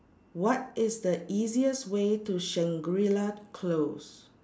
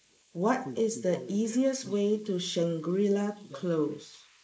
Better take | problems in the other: first | noise reduction (neural mask model Resemble Enhance denoiser)

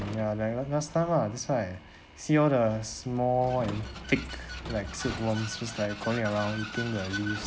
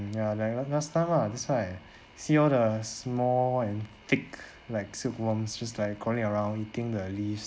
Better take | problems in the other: second | background sound (Vehicle); 11 dB below the speech

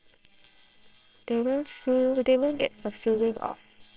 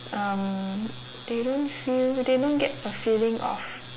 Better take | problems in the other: second | noise reduction (neural separator model SepFormer WHAMR!)

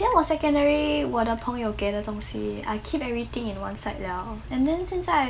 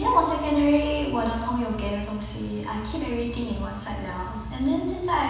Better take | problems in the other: first | room echo; dies away in 1.1 s

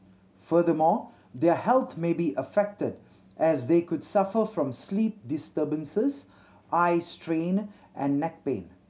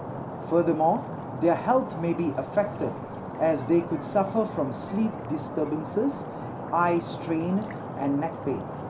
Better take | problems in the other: first | background sound (Stream); 8 dB below the speech

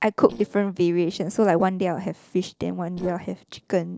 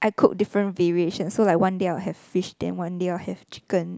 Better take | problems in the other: second | noise reduction (neural separator model SepFormer DNS4)

